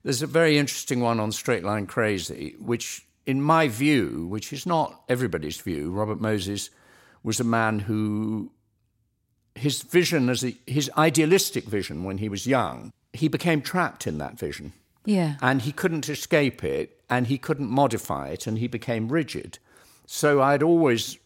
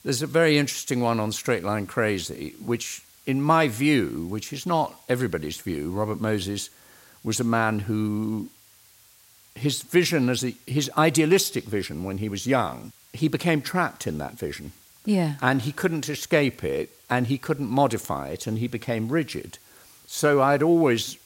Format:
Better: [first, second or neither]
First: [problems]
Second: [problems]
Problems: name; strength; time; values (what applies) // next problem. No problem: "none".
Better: first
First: none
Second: hiss; faint; throughout; 25 dB below the speech